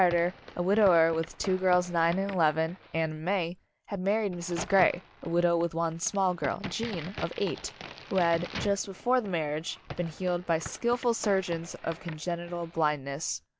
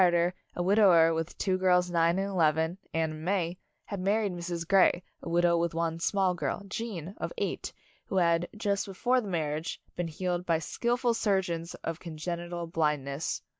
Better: second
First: background sound (Crack); 16 dB below the speech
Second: none

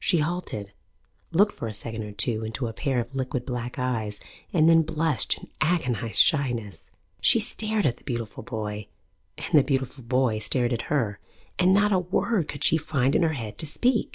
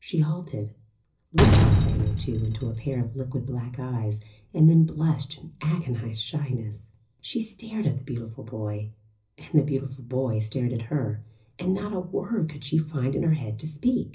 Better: first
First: none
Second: background sound (Slam); 2 dB above the speech // room echo; dies away in 0.4 s

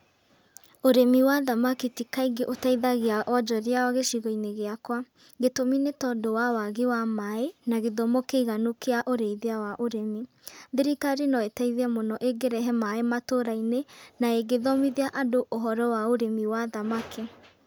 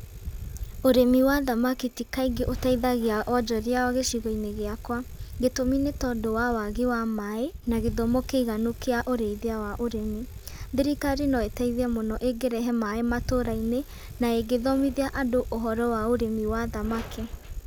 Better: first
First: none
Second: background sound (Bicycle); 11 dB below the speech

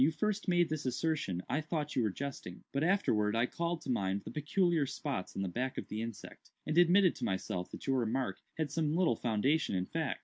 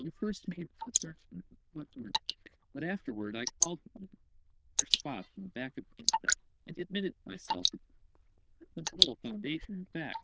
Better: first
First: none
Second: noise reduction (neural diffusion model UNIVERSE++)

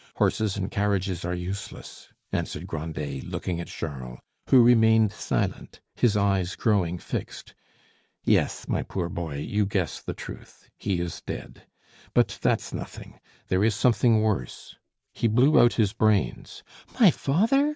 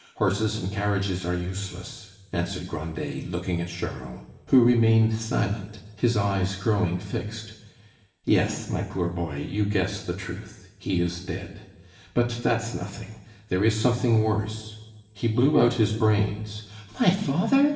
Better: first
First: none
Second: room echo; dies away in 1 s

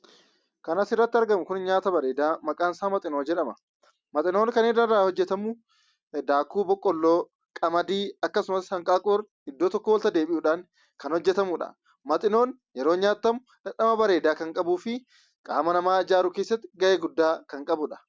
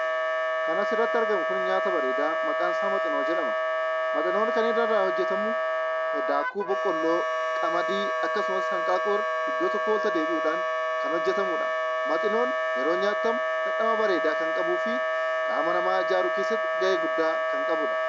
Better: first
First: none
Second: background sound (Wind instrument, woodwind instrument); 3 dB above the speech

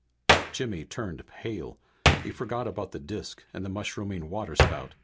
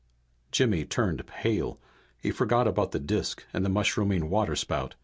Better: second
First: background sound (Hands); 5 dB above the speech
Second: none

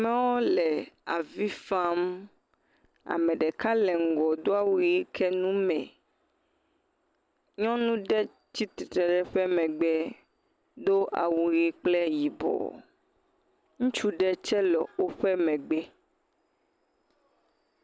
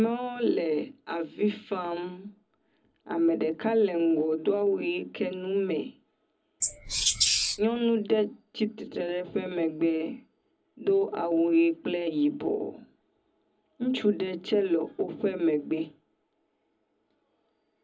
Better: first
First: none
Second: background sound (Wild animals); 1 dB above the speech // room echo; dies away in 0.4 s

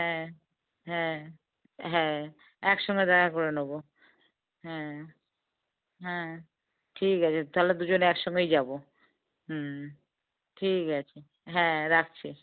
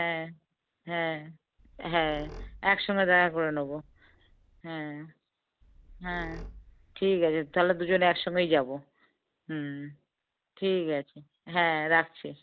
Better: first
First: none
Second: background sound (Squeak); 18 dB below the speech

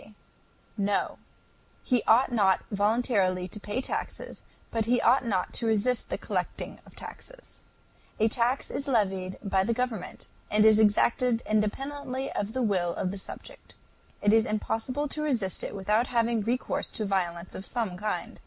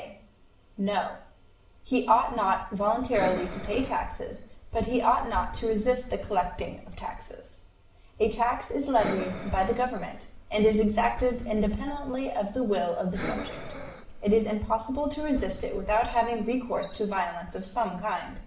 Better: first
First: none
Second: background sound (Breathing); 11 dB below the speech // room echo; dies away in 0.6 s

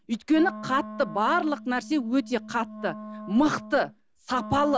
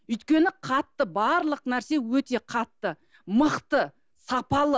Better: second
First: background sound (Wind instrument, woodwind instrument); 14 dB below the speech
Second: none

